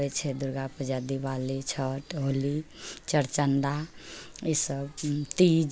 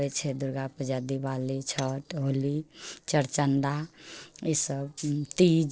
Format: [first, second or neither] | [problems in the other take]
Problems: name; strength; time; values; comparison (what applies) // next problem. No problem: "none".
first | noise reduction (neural separator model SepFormer DNS4)